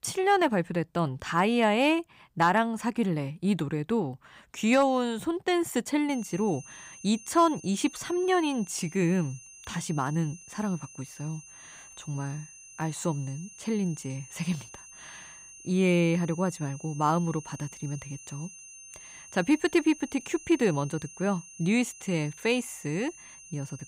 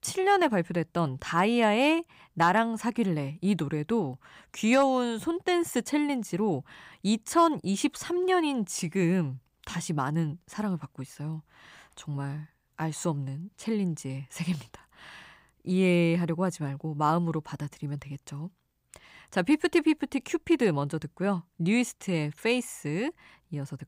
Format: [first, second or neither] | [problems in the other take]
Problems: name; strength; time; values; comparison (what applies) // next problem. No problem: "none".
second | high-pitched whine; noticeable; from 6 s on; 6.5 kHz, 15 dB below the speech